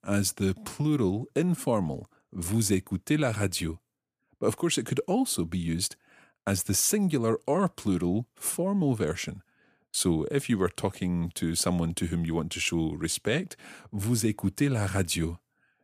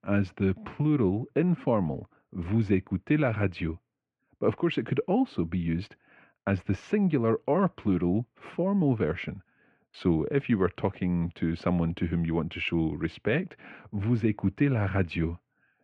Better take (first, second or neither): first